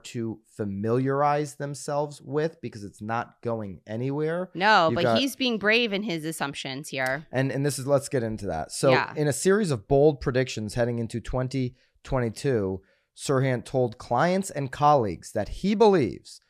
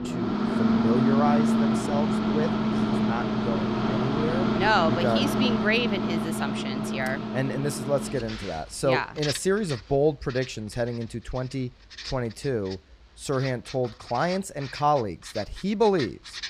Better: first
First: none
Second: household noises; very loud; throughout; 2 dB above the speech

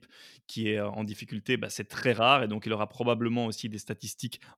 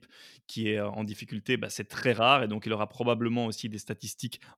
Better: neither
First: none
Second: none

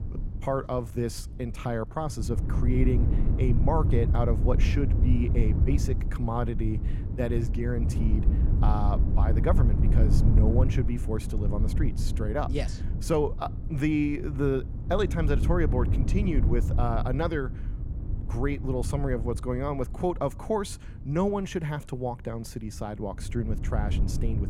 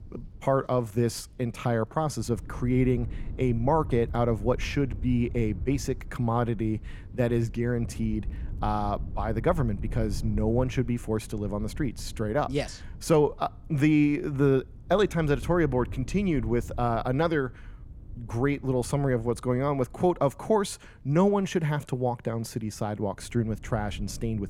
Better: second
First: wind noise on the microphone; heavy; 9 dB below the speech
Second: wind noise on the microphone; occasional gusts; 25 dB below the speech

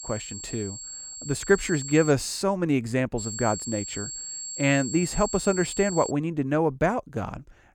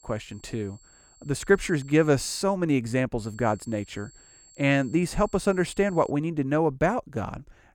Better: second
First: high-pitched whine; loud; until 2 s and from 3 to 6 s; 7.5 kHz, 8 dB below the speech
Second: high-pitched whine; faint; until 2 s and from 3 to 6 s; 7.5 kHz, 25 dB below the speech

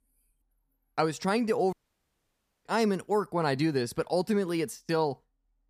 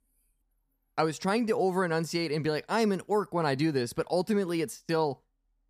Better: second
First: audio cutting out; at 1.5 s for 1 s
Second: none

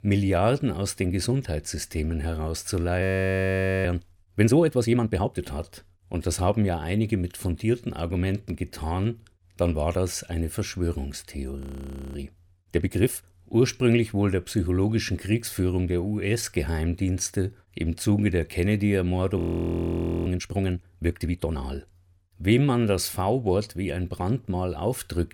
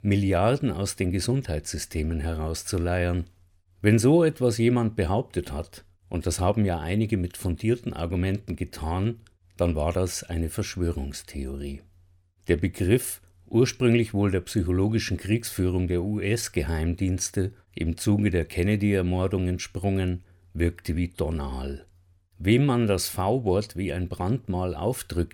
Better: second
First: audio freezing; at 3 s for 1 s, at 12 s for 0.5 s and at 19 s for 1 s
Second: none

